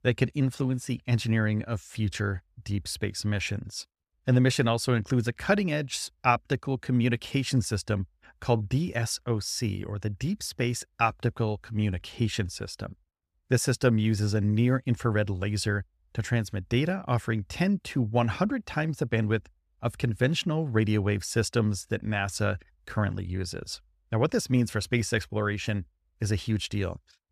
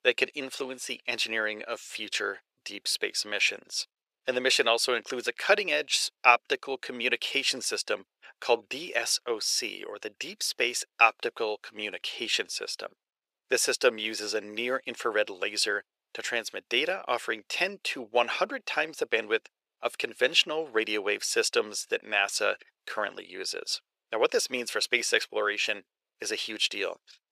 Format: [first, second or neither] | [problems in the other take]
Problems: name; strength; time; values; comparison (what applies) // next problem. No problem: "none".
first | thin; very; fading below 450 Hz